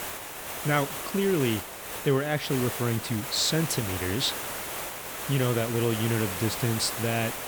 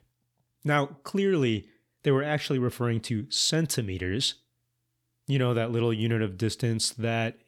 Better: second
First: hiss; loud; throughout; 5 dB below the speech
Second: none

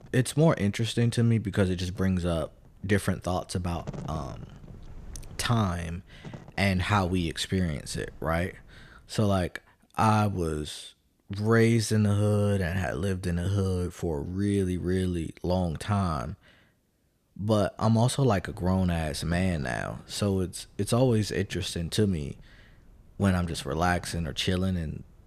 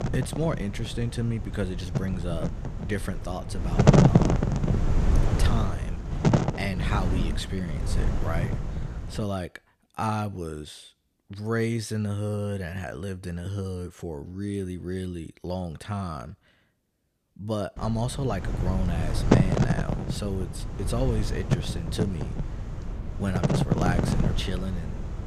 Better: first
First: wind noise on the microphone; occasional gusts; until 9 s and from 18 s on; 25 dB below the speech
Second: wind noise on the microphone; heavy; until 9 s and from 18 s on; 2 dB above the speech

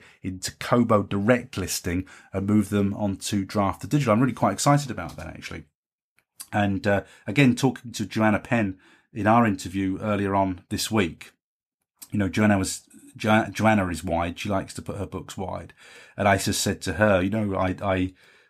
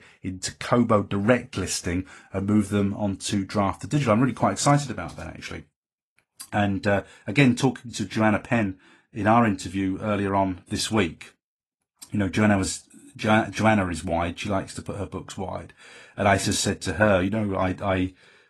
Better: first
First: none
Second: garbled, watery; slightly; nothing above 11 kHz

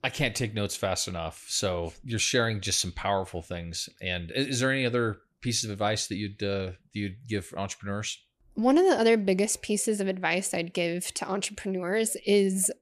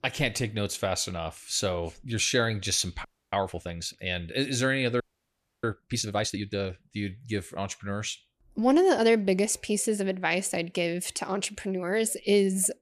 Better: first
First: none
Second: audio freezing; at 3 s and at 5 s for 0.5 s

